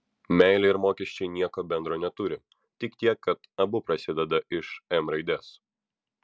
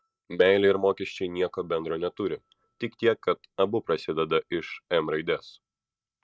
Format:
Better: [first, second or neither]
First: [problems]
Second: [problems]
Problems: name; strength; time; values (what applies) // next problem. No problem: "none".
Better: first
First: none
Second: noise reduction (neural mask model DeepFilterNet 3)